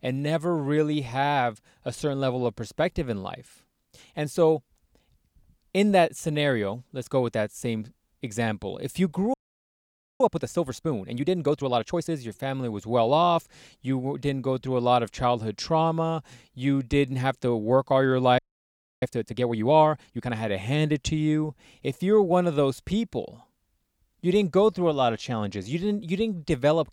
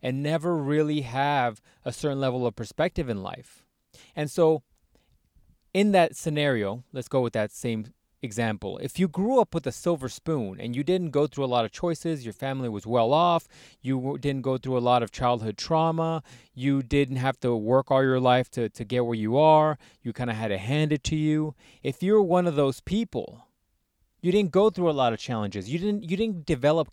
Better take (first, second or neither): second